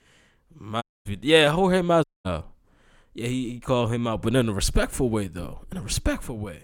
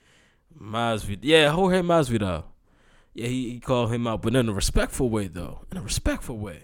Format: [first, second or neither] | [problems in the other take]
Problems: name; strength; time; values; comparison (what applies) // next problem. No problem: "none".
second | audio cutting out; at 1 s and at 2 s